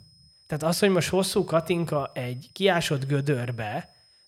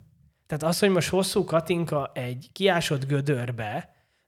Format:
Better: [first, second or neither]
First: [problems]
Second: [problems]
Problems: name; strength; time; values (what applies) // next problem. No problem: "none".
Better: second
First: high-pitched whine; faint; throughout; 5 kHz, 30 dB below the speech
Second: none